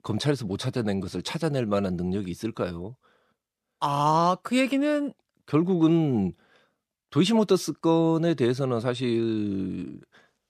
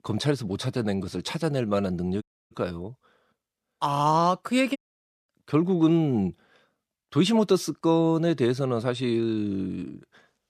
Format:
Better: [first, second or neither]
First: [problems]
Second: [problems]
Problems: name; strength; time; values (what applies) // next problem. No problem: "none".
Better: first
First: none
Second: audio cutting out; at 2 s and at 5 s for 0.5 s